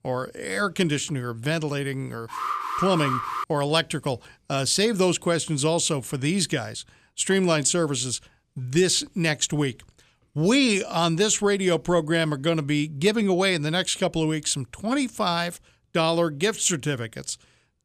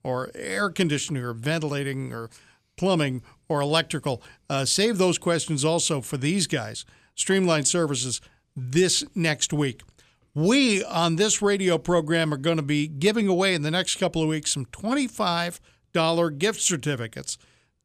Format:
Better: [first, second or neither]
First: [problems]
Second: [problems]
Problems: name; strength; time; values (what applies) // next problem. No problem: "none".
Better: second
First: alarm; noticeable; from 2.5 to 3.5 s; peak 3 dB below the speech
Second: none